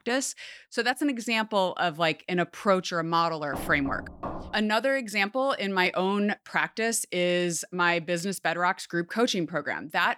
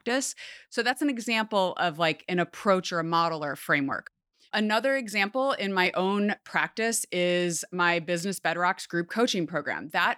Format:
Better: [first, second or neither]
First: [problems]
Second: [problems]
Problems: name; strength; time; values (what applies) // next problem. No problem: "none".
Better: second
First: door banging; faint; from 3.5 to 4.5 s; peak 10 dB below the speech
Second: none